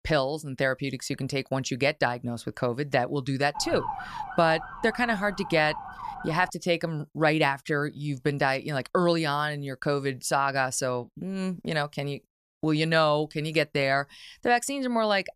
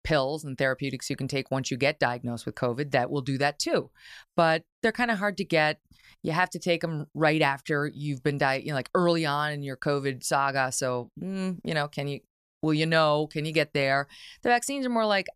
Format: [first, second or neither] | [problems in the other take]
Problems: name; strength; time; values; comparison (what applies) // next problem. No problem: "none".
second | siren; noticeable; from 3.5 to 6.5 s; peak 8 dB below the speech